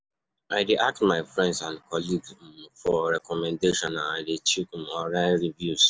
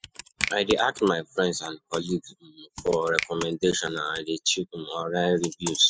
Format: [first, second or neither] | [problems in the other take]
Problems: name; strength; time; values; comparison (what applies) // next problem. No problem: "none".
first | noise reduction (classical method spectral subtraction)